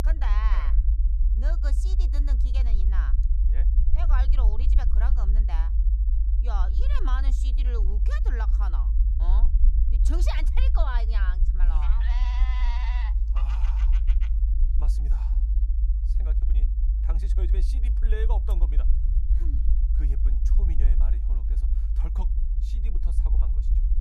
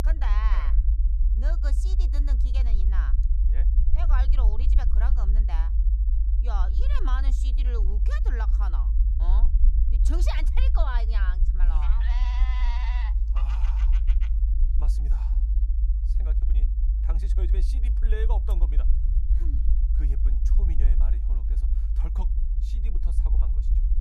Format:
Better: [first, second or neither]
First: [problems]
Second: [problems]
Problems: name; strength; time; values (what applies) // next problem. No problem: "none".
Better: neither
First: low rumble; loud; throughout; 7 dB below the speech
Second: low rumble; loud; throughout; 7 dB below the speech